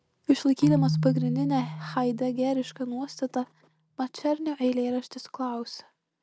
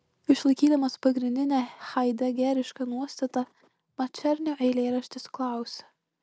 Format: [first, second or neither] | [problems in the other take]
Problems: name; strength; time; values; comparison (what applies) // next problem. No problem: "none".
second | background sound (Keyboard (musical)); 6 dB below the speech